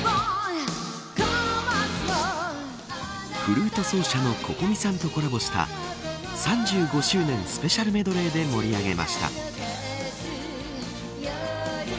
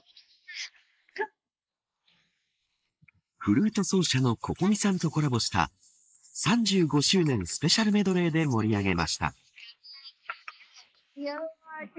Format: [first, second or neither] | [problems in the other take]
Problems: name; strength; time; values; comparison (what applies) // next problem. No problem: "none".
first | noise reduction (neural mask model Resemble Enhance denoiser)